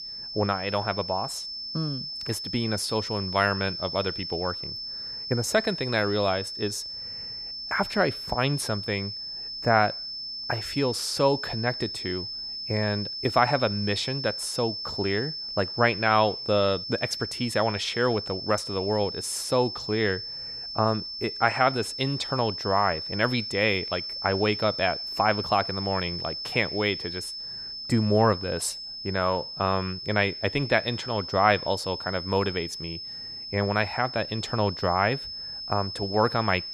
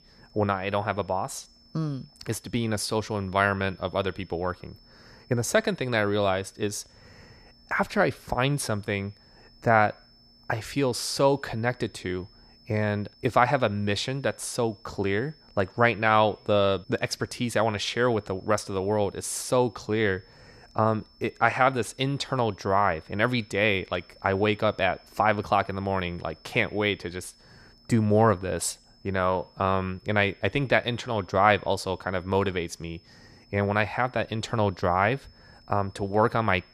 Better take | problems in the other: second | high-pitched whine; loud; throughout; 5.5 kHz, 6 dB below the speech; faint in the second

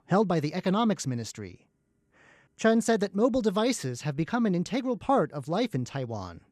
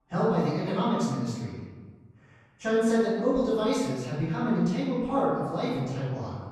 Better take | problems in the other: first | off-mic speech; far // room echo; strong; dies away in 1.4 s

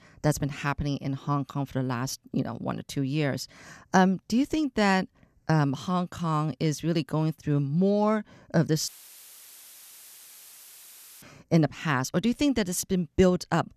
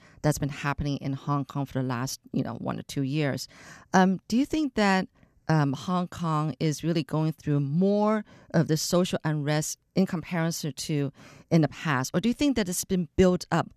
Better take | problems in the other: second | audio cutting out; filled with static; at 9 s for 2.5 s

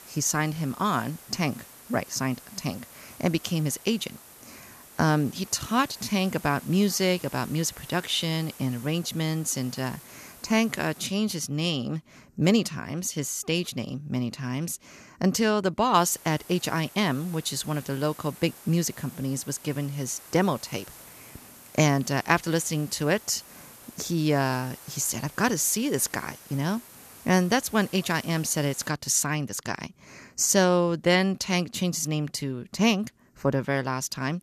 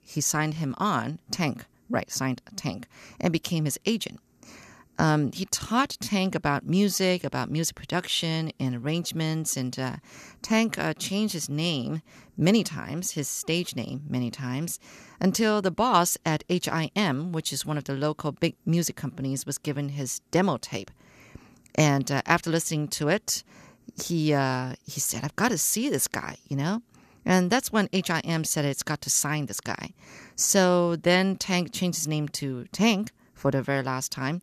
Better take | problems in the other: second | hiss; noticeable; until 11 s and from 16 to 29 s; 20 dB below the speech

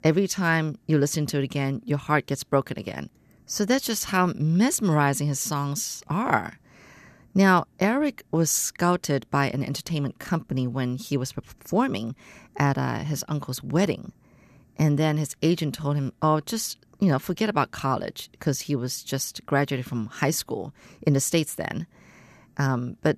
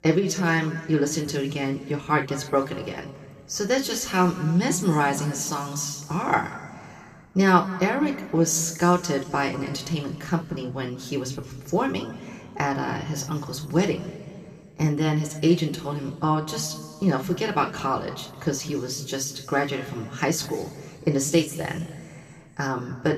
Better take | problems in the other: first | room echo; slight; dies away in 1.9 s

